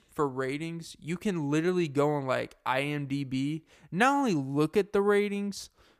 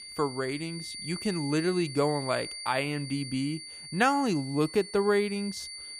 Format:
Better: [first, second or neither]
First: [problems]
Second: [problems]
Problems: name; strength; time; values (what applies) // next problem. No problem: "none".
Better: first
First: none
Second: high-pitched whine; loud; throughout; 4.5 kHz, 10 dB below the speech